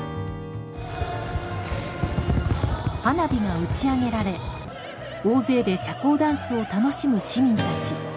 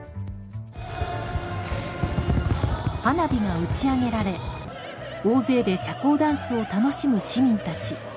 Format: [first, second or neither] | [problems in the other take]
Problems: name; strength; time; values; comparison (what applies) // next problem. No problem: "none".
second | background sound (Acoustic guitar / Strum); 13 dB below the speech